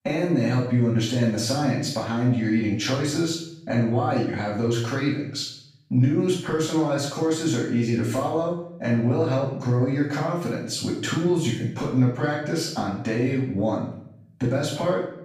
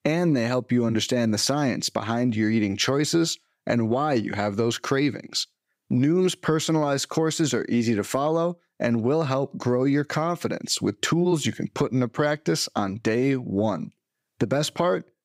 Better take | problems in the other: second | off-mic speech; far // room echo; noticeable; dies away in 0.7 s

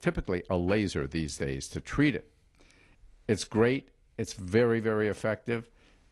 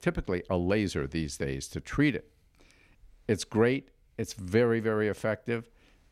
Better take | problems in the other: second | garbled, watery; slightly; nothing above 11 kHz

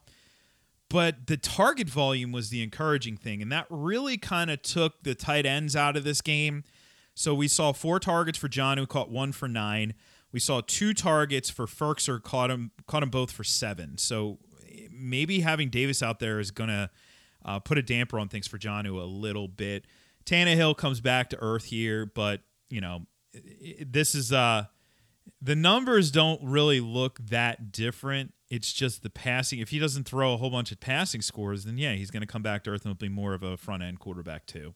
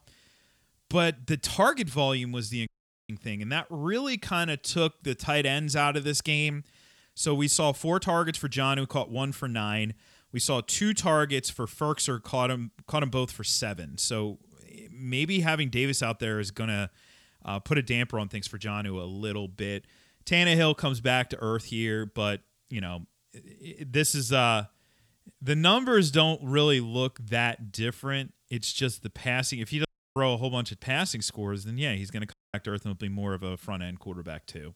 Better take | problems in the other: first | audio cutting out; at 2.5 s, at 30 s and at 32 s

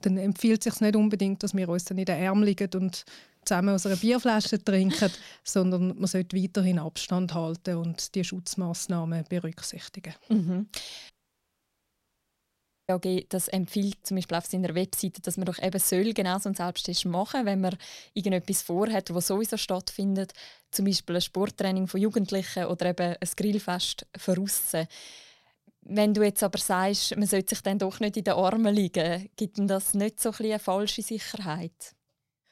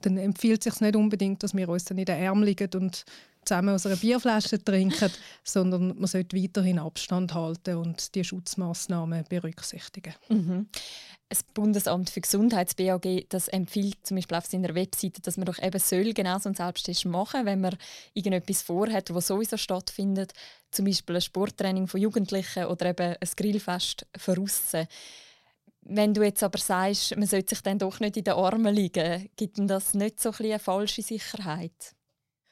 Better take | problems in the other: second | audio cutting out; at 11 s for 2 s

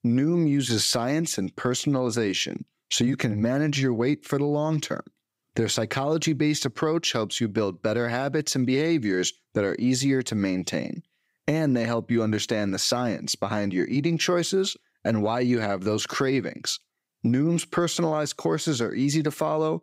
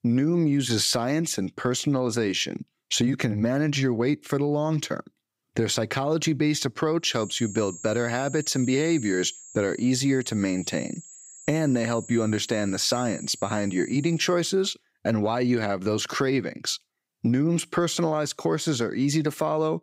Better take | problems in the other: first | high-pitched whine; noticeable; from 7 to 14 s; 7.5 kHz, 15 dB below the speech

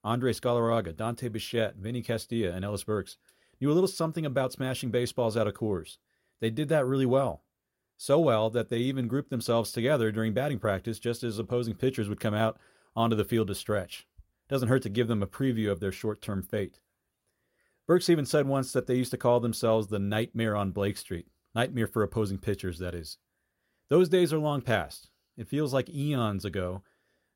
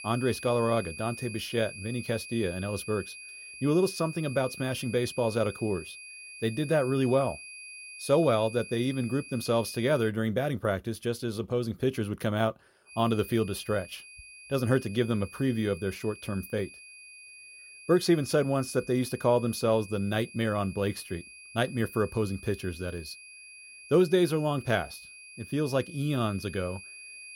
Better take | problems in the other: first | high-pitched whine; noticeable; until 10 s and from 13 s on; 2.5 kHz, 15 dB below the speech

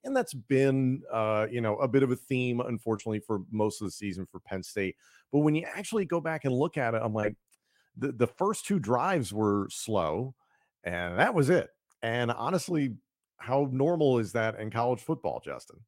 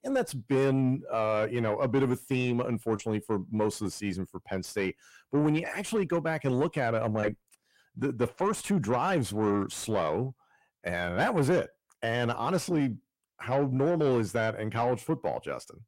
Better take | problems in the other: first | distortion; slight; 10 dB below the speech

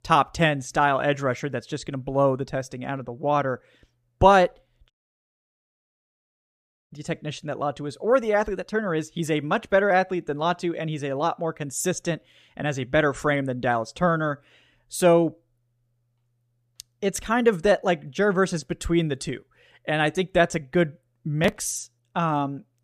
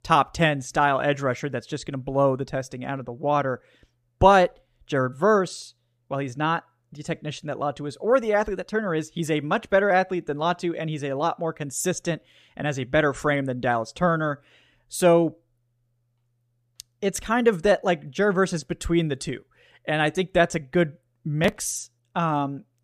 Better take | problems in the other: second | audio cutting out; at 5 s for 2 s

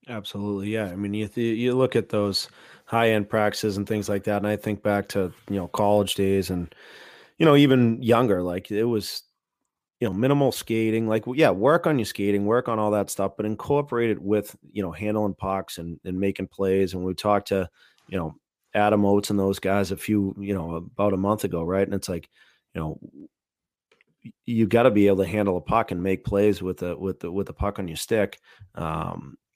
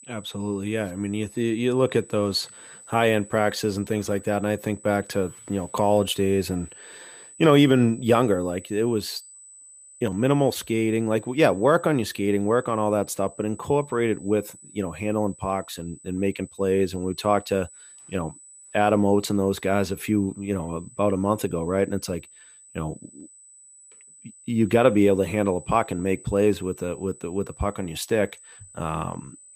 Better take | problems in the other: first | high-pitched whine; faint; throughout; 8 kHz, 20 dB below the speech

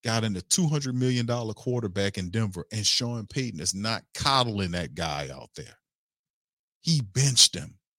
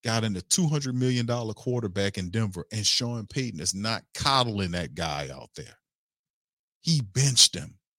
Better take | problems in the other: neither | none

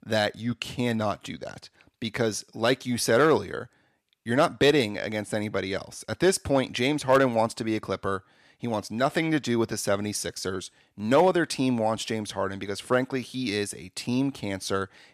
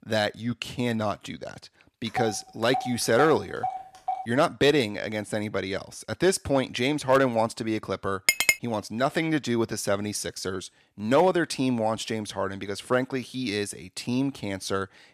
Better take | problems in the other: first | phone ringing; noticeable; from 2 to 4.5 s; peak 7 dB below the speech // clattering dishes; loud; at 8.5 s; peak 6 dB above the speech

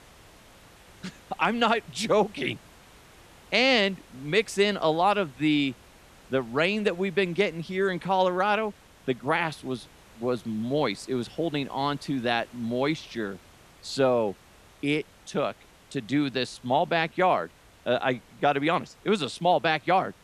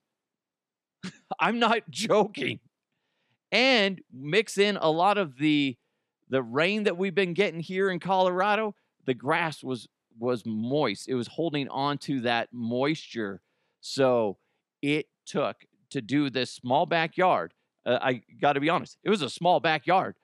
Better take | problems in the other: second | hiss; faint; throughout; 25 dB below the speech

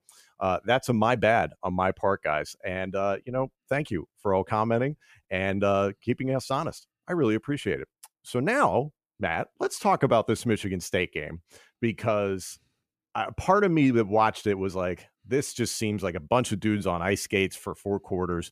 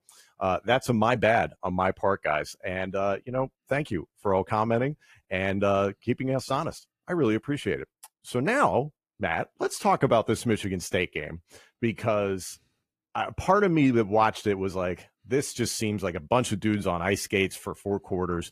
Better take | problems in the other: first | garbled, watery; slightly; nothing above 14.5 kHz

